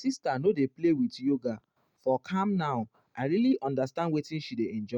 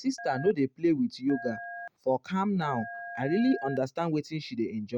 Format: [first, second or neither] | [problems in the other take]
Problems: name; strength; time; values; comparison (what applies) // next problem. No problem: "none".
first | background sound (Telephone); 13 dB below the speech